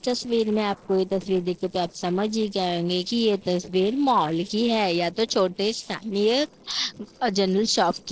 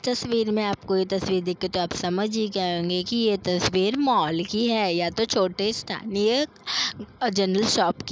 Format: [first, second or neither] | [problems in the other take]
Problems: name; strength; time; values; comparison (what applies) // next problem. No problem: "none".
second | noise reduction (neural separator model SepFormer DNS4)